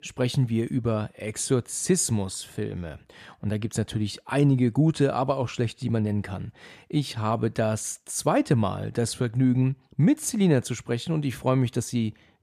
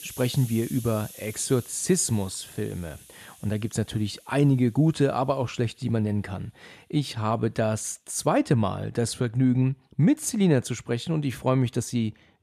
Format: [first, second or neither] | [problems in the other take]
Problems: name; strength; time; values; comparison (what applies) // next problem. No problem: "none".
first | hiss; noticeable; throughout; 20 dB below the speech